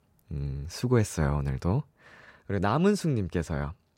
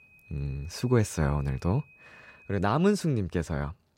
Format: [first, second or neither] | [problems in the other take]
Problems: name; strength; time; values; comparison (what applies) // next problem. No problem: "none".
first | high-pitched whine; faint; until 2.5 s; 2.5 kHz, 25 dB below the speech